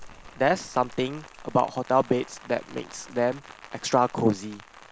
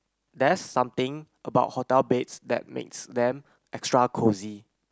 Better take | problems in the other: second | background sound (Rain); 19 dB below the speech

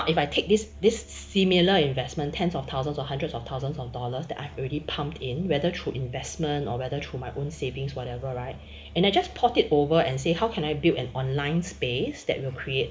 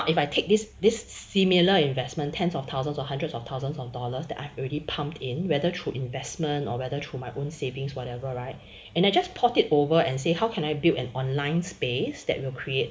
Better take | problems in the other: second | background sound (Musical instrument); 19 dB below the speech

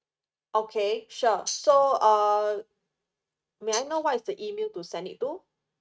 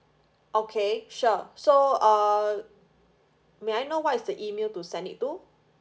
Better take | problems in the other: second | noise reduction (neural mask model RNNoise)

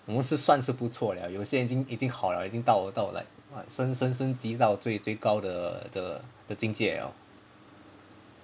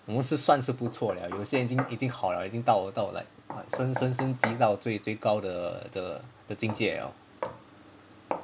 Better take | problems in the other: first | background sound (Knock); 10 dB below the speech

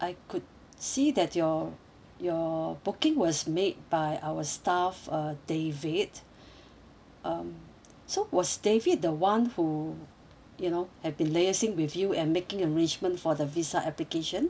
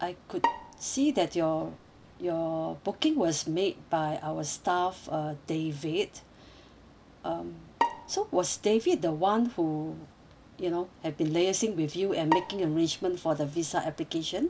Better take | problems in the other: first | background sound (Bowed string instrument); 7 dB below the speech

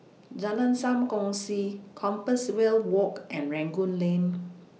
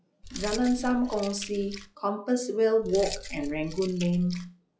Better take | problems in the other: first | noise reduction (classical method log-MMSE)

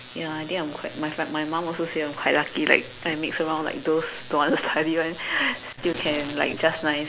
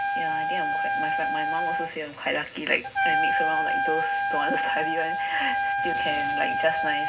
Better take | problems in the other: first | background sound (Trumpet); 5 dB above the speech // room echo; dies away in 0.4 s

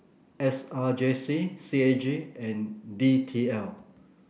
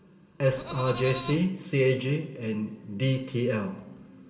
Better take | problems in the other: first | background sound (Livestock, farm animals, working animals); 11 dB below the speech // room echo; dies away in 2.4 s

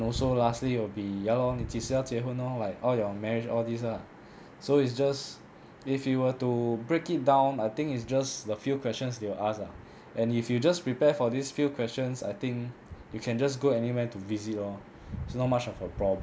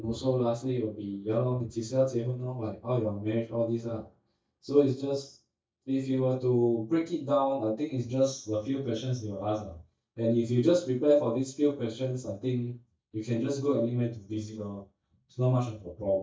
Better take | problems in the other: first | noise reduction (neural mask model DeepFilterNet 3)

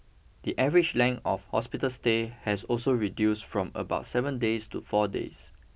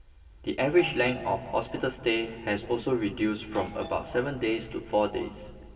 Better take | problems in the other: first | background sound (Doorbell); 19 dB below the speech // room echo; dies away in 2 s

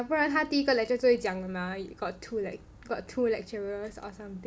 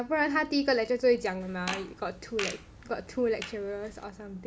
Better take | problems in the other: first | background sound (Fart); 12 dB below the speech

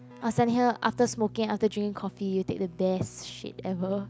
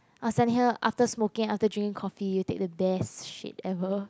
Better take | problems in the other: second | background sound (Keyboard (musical)); 20 dB below the speech

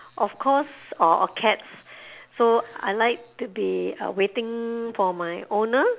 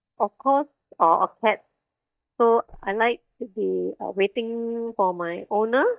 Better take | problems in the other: first | noise reduction (neural mask model DeepFilterNet 3)

